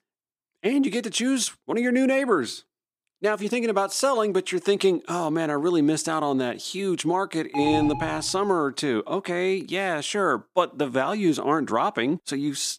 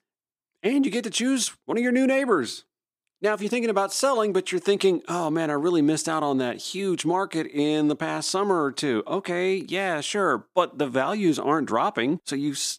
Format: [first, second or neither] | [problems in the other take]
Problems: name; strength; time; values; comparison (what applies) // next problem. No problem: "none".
second | alarm; noticeable; at 7.5 s; peak 3 dB below the speech